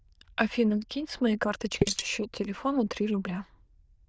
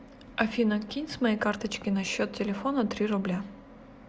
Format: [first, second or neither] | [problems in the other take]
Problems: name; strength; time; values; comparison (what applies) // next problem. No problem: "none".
second | noise reduction (neural diffusion model UNIVERSE++)